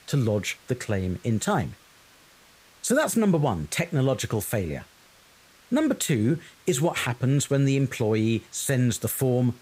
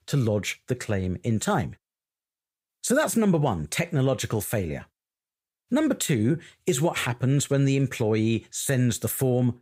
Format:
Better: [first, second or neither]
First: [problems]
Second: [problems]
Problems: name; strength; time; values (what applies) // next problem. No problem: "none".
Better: second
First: hiss; faint; throughout; 30 dB below the speech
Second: none